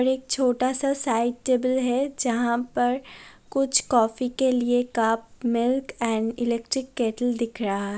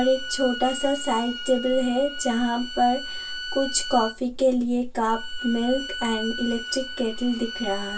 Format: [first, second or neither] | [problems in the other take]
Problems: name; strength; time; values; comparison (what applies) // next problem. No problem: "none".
first | background sound (Bowed string instrument); 10 dB below the speech // room echo; dies away in 0.1 s